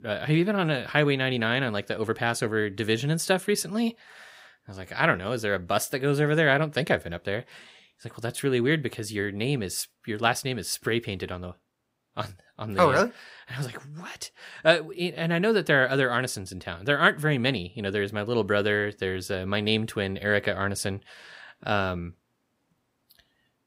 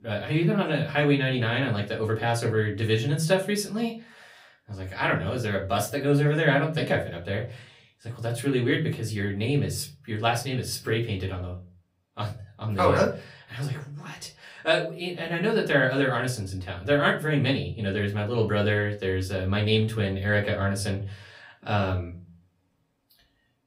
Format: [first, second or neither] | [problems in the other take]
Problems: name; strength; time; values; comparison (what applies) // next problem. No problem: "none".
first | off-mic speech; far // room echo; very slight; dies away in 0.4 s